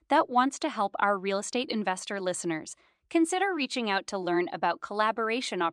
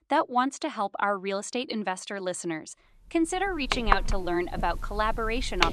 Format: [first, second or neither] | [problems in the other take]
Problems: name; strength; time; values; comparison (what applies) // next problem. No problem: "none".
first | household noises; loud; from 3.5 s on; 3 dB below the speech